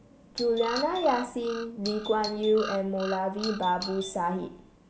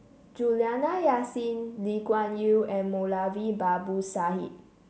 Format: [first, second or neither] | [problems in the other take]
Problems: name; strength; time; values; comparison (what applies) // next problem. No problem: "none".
second | background sound (Bird vocalization, bird call, bird song + Doorbell); 11 dB below the speech